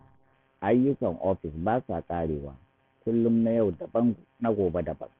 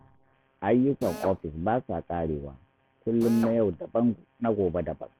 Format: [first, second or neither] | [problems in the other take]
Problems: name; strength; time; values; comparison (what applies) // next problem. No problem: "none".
first | background sound (Drill); 13 dB below the speech